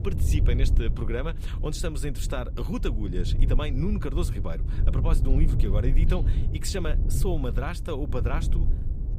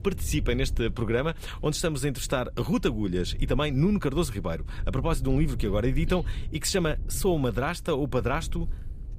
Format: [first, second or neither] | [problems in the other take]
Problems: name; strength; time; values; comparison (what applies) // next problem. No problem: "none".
second | low rumble; loud; throughout; 9 dB below the speech; faint in the second